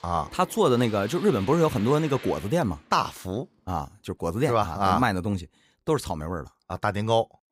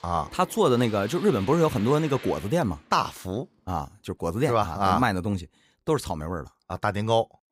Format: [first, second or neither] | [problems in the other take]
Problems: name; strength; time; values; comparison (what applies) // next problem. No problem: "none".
neither | household noises; noticeable; until 4 s; 15 dB below the speech; the same in both